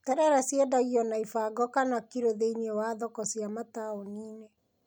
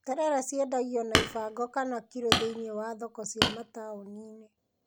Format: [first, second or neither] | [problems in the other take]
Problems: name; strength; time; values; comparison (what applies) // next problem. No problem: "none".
first | background sound (Hammer); 1 dB above the speech